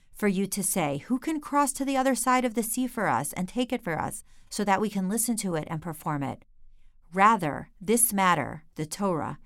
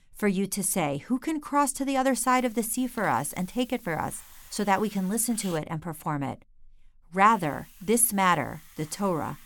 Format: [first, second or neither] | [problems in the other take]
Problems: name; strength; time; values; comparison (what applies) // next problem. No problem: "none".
first | hiss; faint; from 2 to 5.5 s and from 7.5 s on; 25 dB below the speech